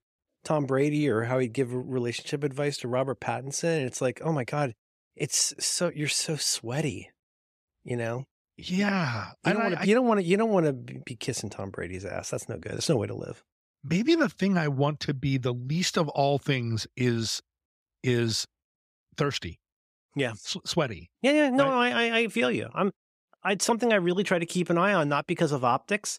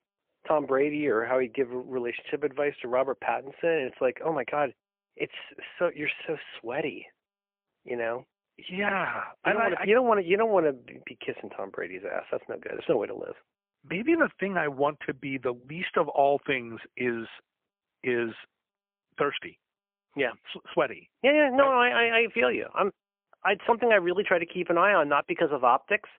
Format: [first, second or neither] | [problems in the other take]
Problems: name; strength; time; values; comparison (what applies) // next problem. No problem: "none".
first | phone-call audio; poor line; nothing above 3 kHz